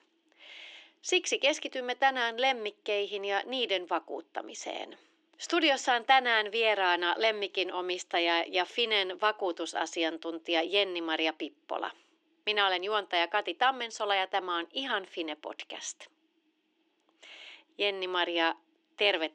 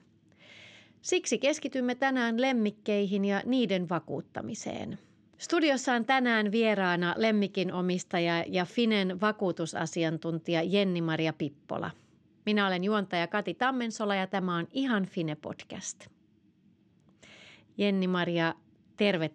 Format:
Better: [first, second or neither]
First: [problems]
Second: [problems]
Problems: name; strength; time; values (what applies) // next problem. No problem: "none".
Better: second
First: thin; very; fading below 300 Hz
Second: none